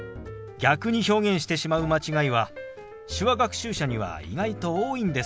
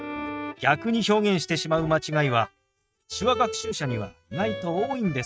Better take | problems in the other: first | noise reduction (neural mask model RNNoise)

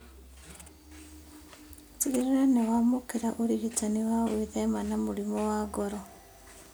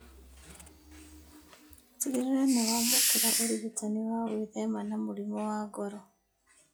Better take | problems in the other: first | noise reduction (classical method log-MMSE)

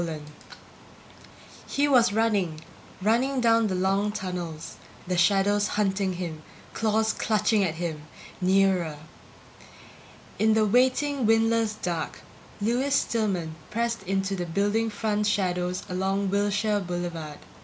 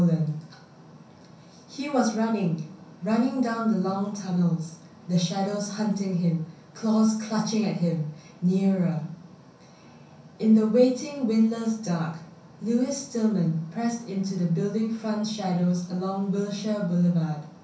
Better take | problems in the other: first | room echo; dies away in 0.6 s

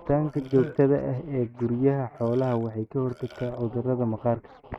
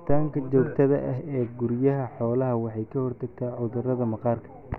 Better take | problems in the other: second | noise reduction (neural mask model RNNoise)

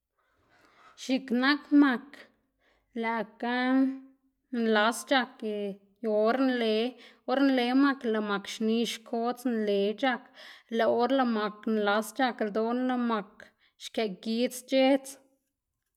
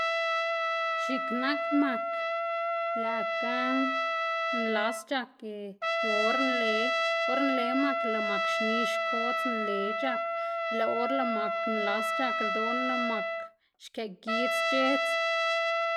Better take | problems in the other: first | background sound (Trumpet); 4 dB above the speech

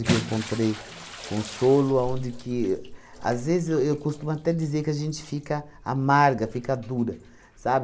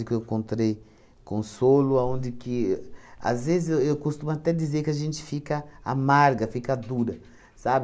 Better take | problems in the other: second | background sound (Bathtub (filling or washing) / Splash, splatter); 13 dB below the speech

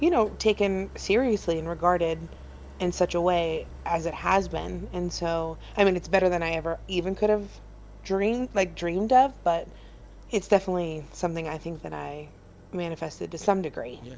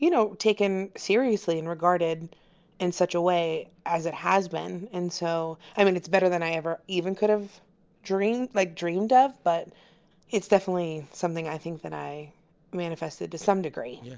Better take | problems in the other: second | background sound (Idling); 17 dB below the speech

